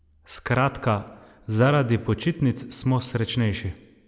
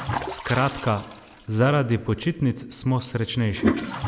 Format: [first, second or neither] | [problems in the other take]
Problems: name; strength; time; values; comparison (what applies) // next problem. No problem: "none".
first | background sound (Toilet flush); 6 dB below the speech